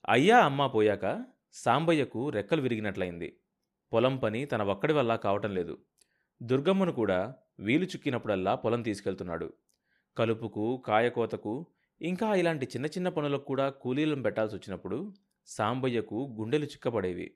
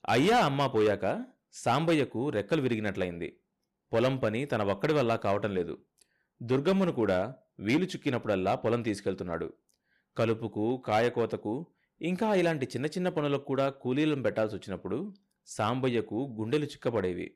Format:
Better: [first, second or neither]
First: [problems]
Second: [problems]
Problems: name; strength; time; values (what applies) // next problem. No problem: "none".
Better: first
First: none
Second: distortion; slight; 4% of the sound clipped